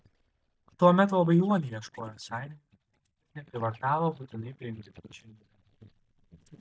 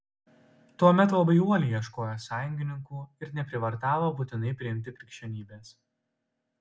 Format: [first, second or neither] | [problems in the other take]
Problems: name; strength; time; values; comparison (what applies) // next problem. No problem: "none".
second | noise reduction (neural mask model DeepFilterNet 3)